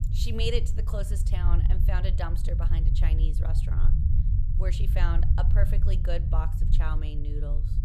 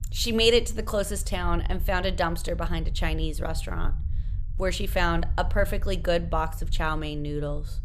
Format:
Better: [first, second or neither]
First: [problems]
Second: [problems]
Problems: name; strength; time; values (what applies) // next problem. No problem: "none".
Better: second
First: low rumble; loud; throughout; 6 dB below the speech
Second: low rumble; faint; throughout; 25 dB below the speech